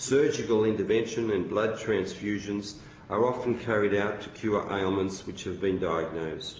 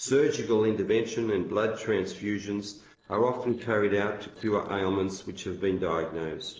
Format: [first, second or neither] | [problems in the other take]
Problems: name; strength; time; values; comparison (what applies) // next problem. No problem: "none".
first | noise reduction (neural separator model SepFormer DNS4)